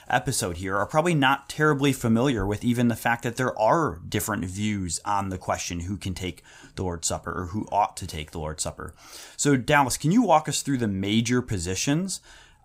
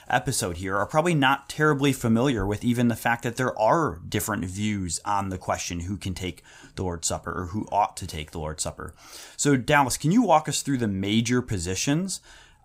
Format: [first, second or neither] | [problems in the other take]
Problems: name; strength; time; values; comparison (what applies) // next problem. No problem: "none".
neither | none